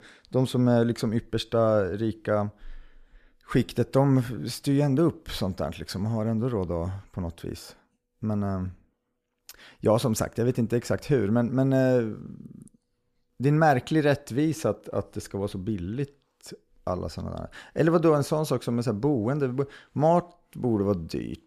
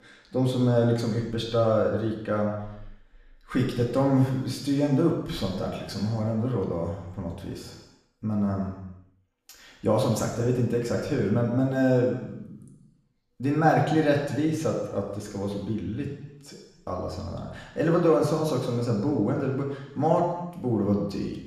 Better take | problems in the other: first | room echo; noticeable; dies away in 0.9 s // off-mic speech; far

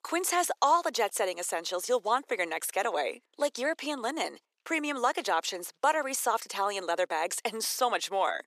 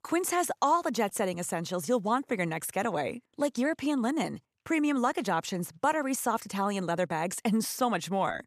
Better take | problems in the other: second | thin; somewhat; fading below 400 Hz

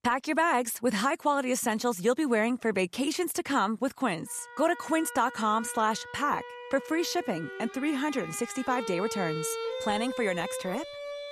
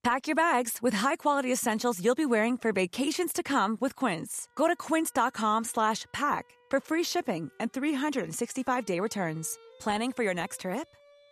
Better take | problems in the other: second | background music; loud; from 4.5 s on; 10 dB below the speech; faint in the second

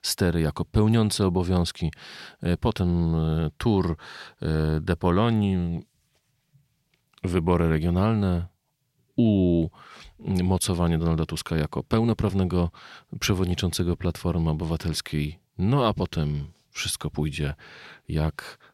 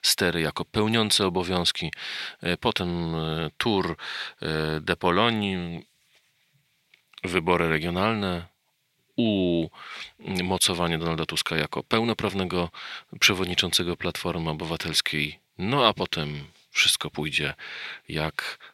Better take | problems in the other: first | thin; somewhat; fading below 450 Hz

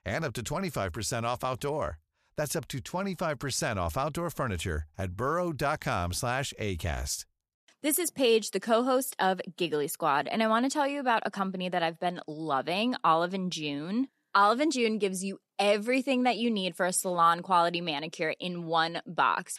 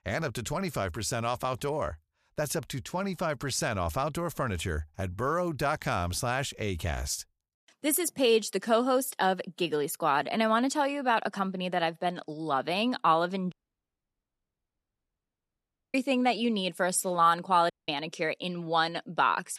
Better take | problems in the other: first | audio cutting out; at 14 s for 2.5 s and at 18 s

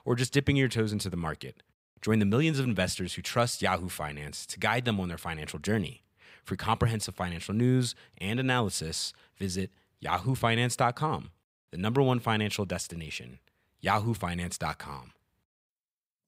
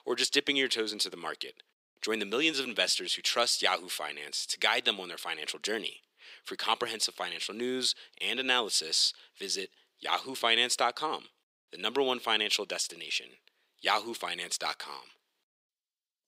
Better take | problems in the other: first | thin; somewhat; fading below 350 Hz

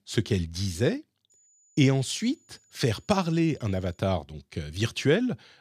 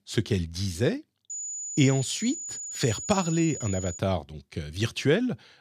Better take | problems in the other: first | high-pitched whine; loud; from 1.5 to 4 s; 7 kHz, 7 dB below the speech; faint in the first

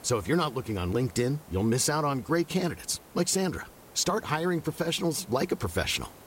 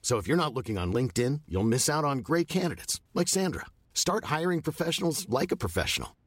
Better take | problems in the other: second | hiss; faint; throughout; 20 dB below the speech

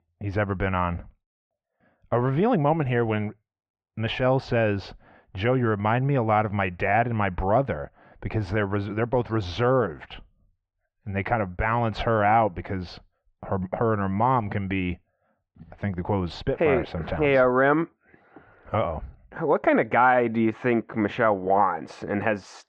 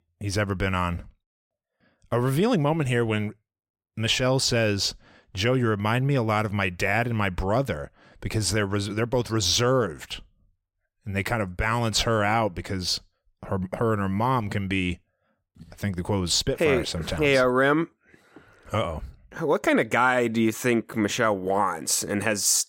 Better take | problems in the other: second | muffled; very; fading above 2.5 kHz

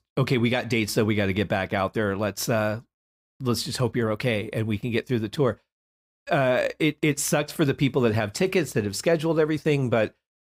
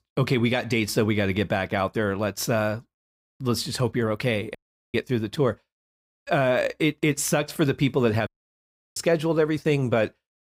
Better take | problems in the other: first | audio cutting out; at 4.5 s and at 8.5 s for 0.5 s

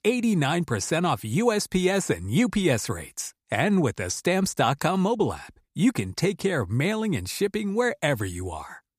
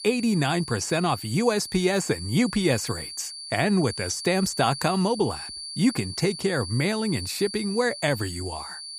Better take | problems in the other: first | high-pitched whine; loud; throughout; 4.5 kHz, 10 dB below the speech

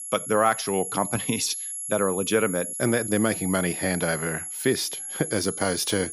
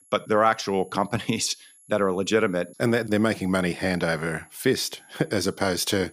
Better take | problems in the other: second | high-pitched whine; loud; throughout; 11 kHz, 5 dB below the speech; faint in the second

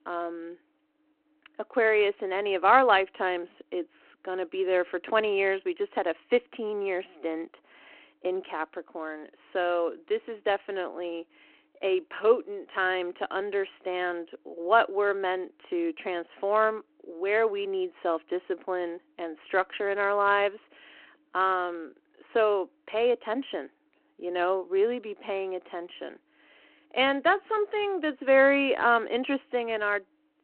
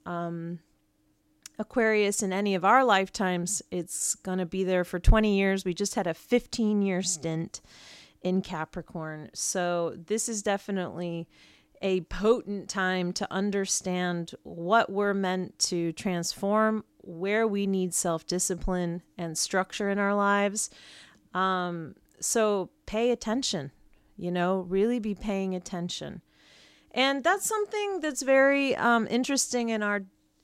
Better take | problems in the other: second | phone-call audio

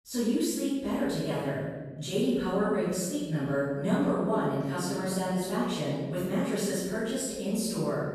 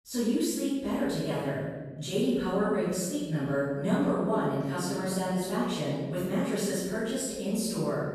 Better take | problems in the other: neither | off-mic speech; far; the same in both // room echo; strong; dies away in 1.2 s; the same in both

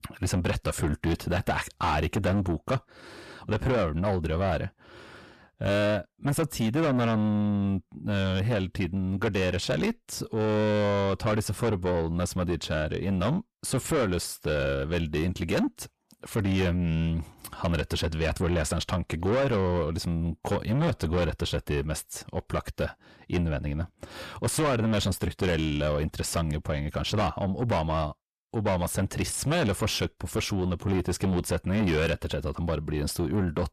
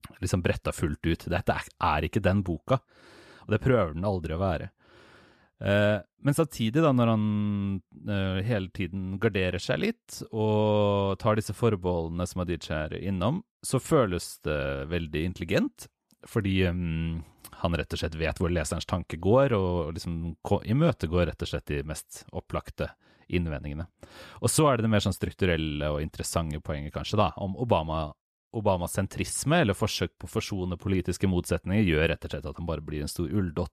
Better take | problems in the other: second | distortion; heavy; 6 dB below the speech

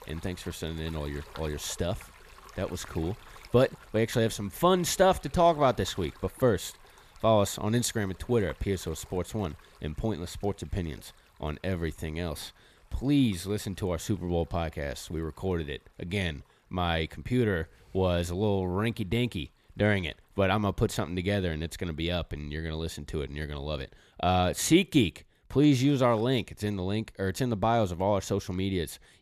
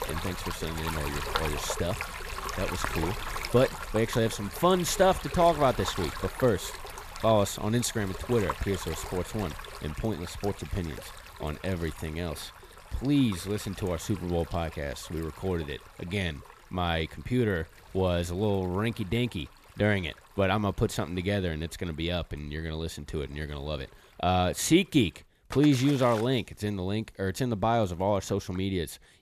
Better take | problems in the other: first | rain or running water; loud; throughout; 9 dB below the speech; faint in the first

